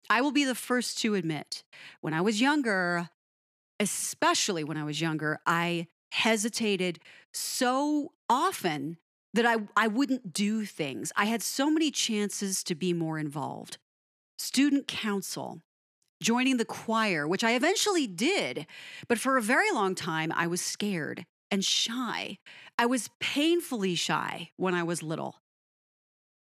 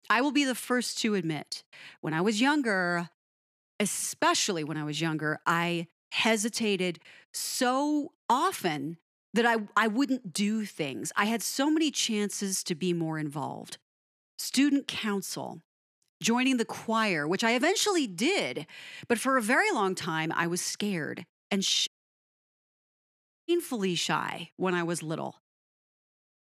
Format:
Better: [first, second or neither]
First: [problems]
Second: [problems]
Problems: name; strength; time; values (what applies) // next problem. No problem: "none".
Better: first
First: none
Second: audio cutting out; at 22 s for 1.5 s